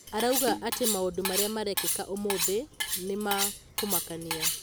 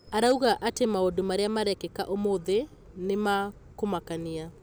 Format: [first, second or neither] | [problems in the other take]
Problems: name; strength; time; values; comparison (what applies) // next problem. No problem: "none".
second | background sound (Cutlery, silverware); 1 dB below the speech